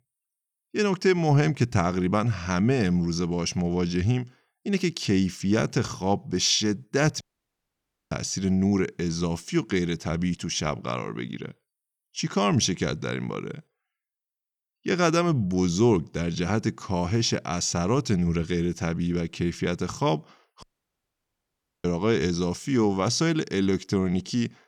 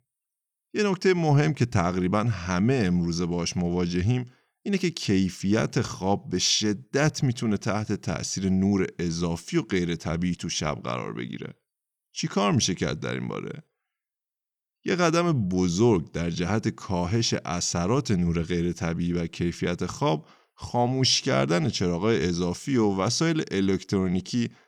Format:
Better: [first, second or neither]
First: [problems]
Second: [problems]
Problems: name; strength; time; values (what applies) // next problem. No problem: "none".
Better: second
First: audio cutting out; at 7 s for 1 s and at 21 s for 1 s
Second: none